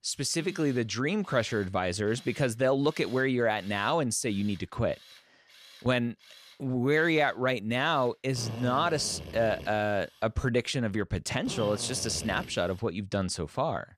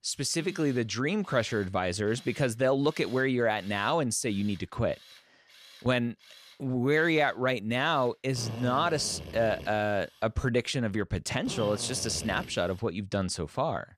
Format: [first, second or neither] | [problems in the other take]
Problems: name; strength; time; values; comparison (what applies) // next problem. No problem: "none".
neither | machinery noise; noticeable; throughout; 15 dB below the speech; the same in both